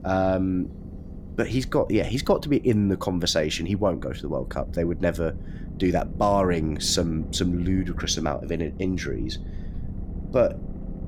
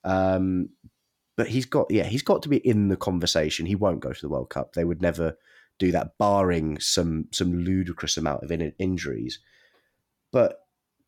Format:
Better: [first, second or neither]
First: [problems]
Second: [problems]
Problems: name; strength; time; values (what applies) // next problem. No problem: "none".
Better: second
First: low rumble; noticeable; throughout; 20 dB below the speech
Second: none